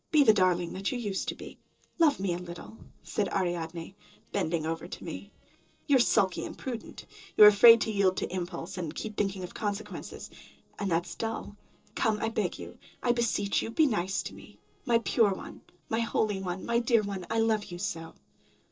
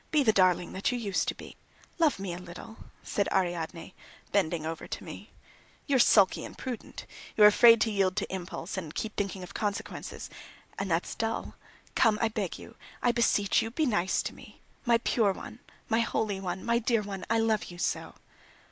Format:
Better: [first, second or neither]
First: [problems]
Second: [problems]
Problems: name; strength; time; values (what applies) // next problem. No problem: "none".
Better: second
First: noise reduction (neural separator model SepFormer DNS4)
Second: none